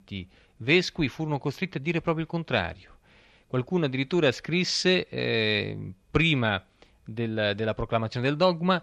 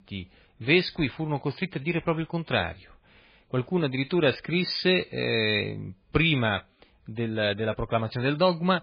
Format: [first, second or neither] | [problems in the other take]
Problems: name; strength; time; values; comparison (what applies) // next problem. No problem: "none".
first | garbled, watery; badly